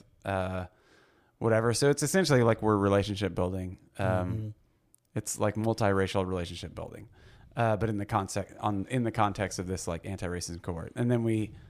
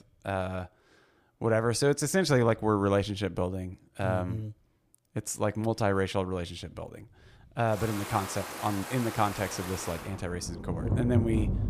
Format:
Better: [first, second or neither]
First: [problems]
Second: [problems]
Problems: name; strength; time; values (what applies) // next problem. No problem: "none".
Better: first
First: none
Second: rain or running water; very faint; from 7.5 s on; 5 dB below the speech